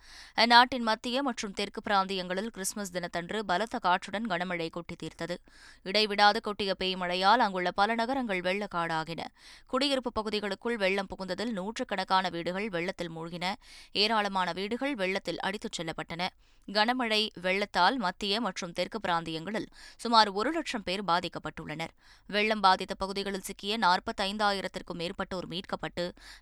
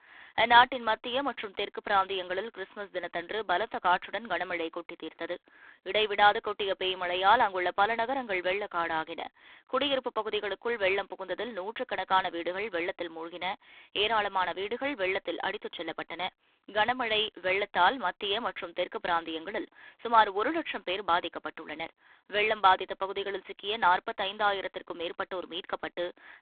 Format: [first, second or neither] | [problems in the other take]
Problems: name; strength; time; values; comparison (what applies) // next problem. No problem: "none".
first | phone-call audio; poor line